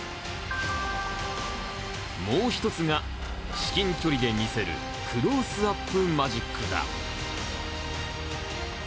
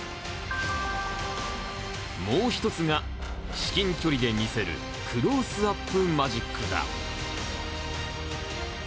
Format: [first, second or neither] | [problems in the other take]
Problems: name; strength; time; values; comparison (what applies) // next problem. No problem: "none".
second | background sound (Domestic sounds, home sounds + Wind instrument, woodwind instrument); 14 dB below the speech